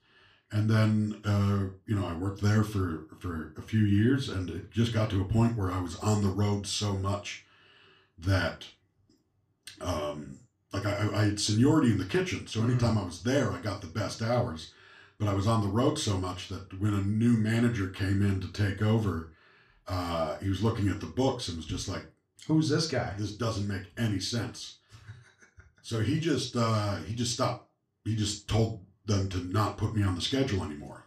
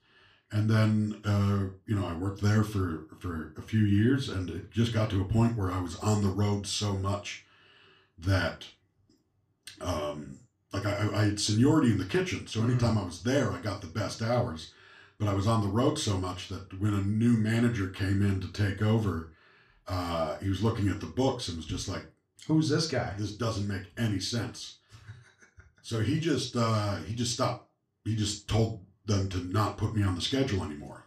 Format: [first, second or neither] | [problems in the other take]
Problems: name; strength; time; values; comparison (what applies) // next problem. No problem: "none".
neither | room echo; slight; dies away in 0.2 s; the same in both // off-mic speech; far; the same in both